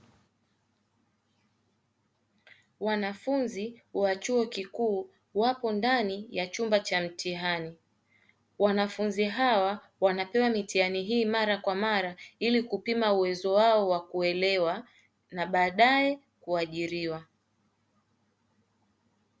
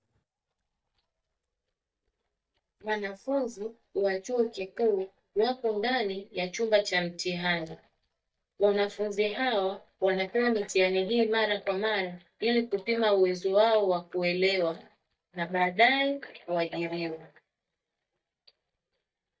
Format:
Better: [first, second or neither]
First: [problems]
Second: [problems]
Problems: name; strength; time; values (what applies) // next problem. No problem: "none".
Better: first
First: none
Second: noise reduction (neural mask model DeepFilterNet 3)